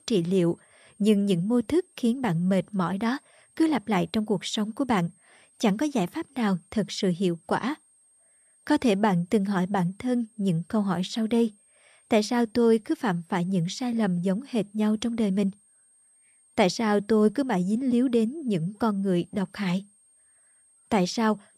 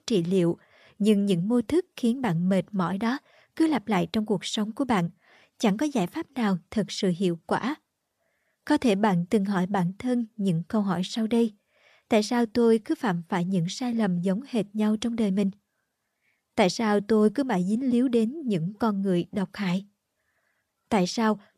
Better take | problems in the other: second | high-pitched whine; faint; throughout; 8.5 kHz, 35 dB below the speech

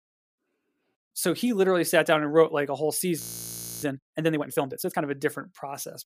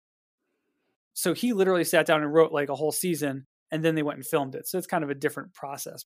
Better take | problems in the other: second | audio freezing; at 3 s for 0.5 s

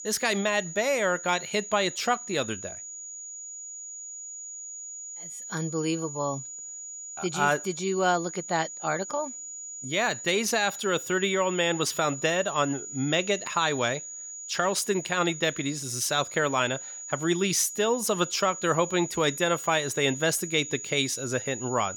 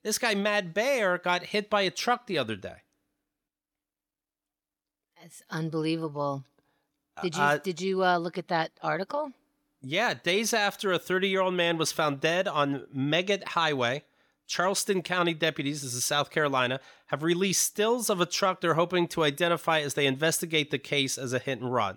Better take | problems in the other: second | high-pitched whine; loud; throughout; 7 kHz, 10 dB below the speech

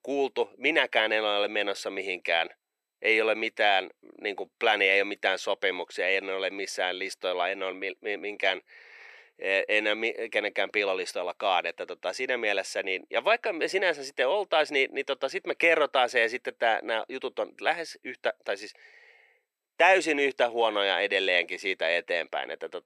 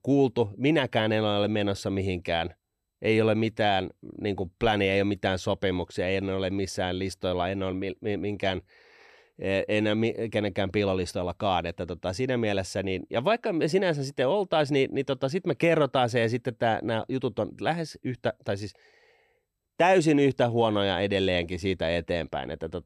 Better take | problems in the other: second | thin; very; fading below 450 Hz

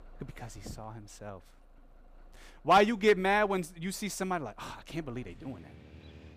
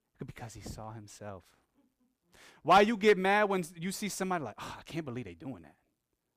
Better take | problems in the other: second | traffic noise; faint; throughout; 30 dB below the speech

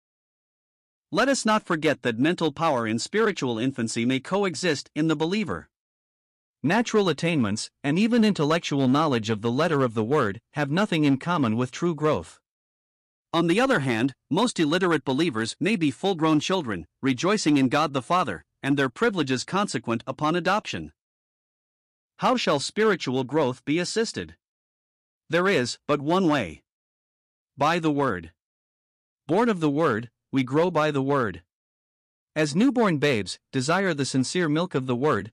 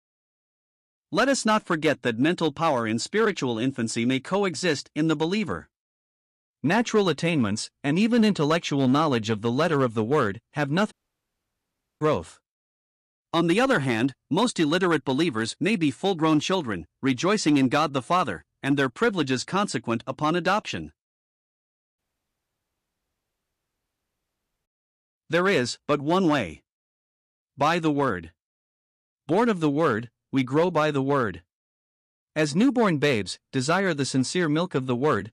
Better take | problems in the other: first | audio cutting out; at 11 s for 1 s and at 22 s for 2.5 s

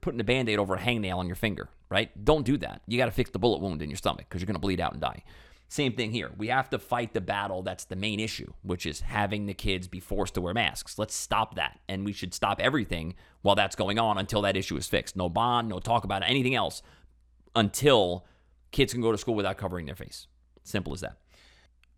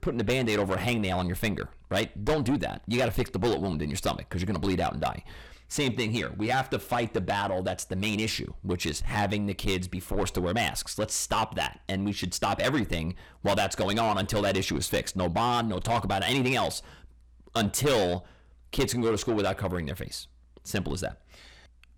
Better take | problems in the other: first | distortion; heavy; 7 dB below the speech

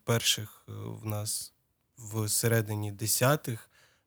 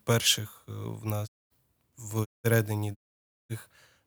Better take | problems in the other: first | audio cutting out; at 1.5 s, at 2.5 s and at 3 s for 0.5 s

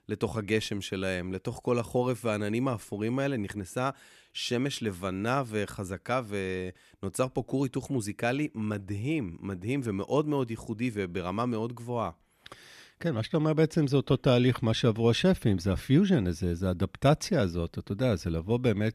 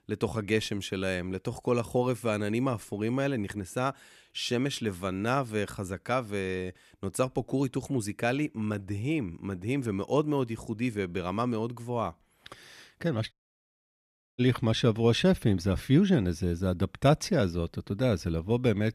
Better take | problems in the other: first | audio cutting out; at 13 s for 1 s

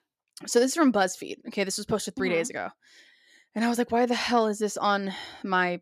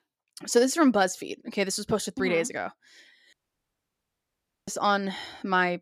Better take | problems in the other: first | audio cutting out; at 3.5 s for 1.5 s

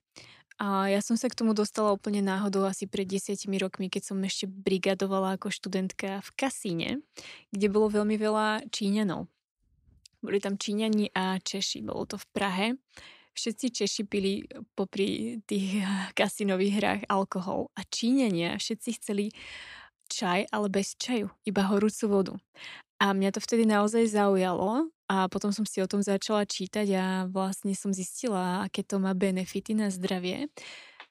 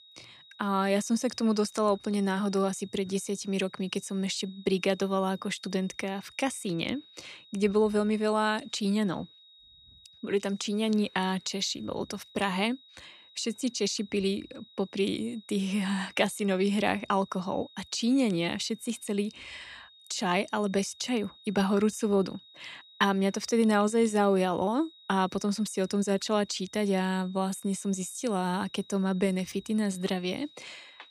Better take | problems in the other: first | high-pitched whine; faint; throughout; 4 kHz, 25 dB below the speech

